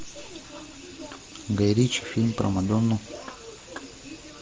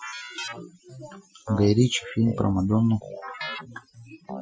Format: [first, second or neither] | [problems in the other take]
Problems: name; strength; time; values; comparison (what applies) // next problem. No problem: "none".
first | noise reduction (classical method Wiener filter)